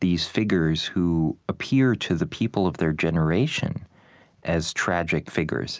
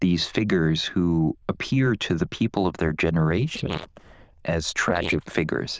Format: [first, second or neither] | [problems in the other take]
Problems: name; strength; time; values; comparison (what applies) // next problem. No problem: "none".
first | noise reduction (neural diffusion model UNIVERSE++)